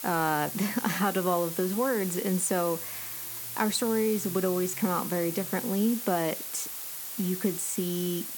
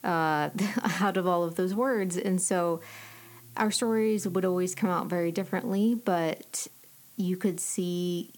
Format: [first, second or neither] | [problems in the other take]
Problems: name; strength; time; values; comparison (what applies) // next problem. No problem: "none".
second | hiss; loud; throughout; 6 dB below the speech; faint in the second